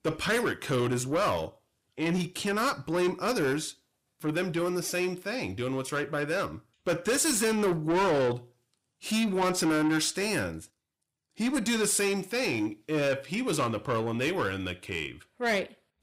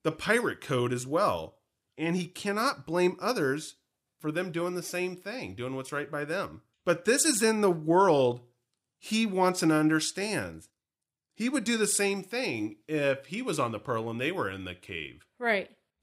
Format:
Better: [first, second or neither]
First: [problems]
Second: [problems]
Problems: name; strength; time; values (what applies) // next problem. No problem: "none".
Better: second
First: distortion; heavy; 8 dB below the speech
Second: none